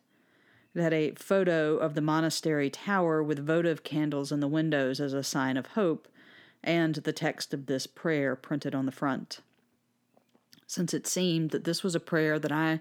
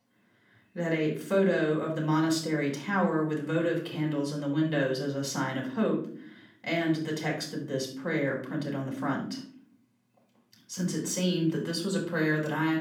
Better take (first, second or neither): first